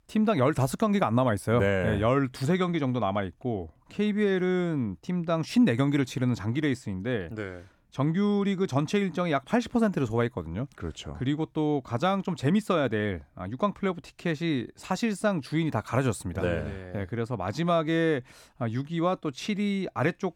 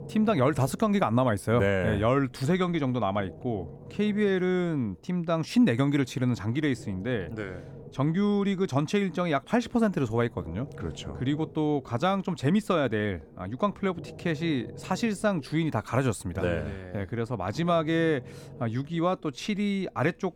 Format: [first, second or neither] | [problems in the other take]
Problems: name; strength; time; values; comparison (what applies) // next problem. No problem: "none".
first | low rumble; faint; throughout; 20 dB below the speech